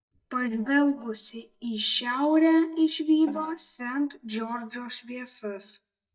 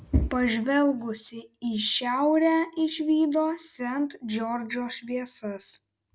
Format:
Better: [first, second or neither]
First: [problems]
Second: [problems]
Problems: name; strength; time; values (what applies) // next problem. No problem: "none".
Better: second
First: noise reduction (neural mask model DeepFilterNet 3)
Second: none